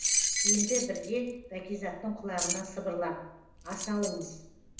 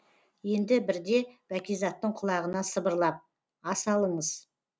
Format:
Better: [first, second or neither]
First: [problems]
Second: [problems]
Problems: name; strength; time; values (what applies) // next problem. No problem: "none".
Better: second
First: background sound (Keys jangling); 1 dB above the speech // room echo; dies away in 0.8 s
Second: none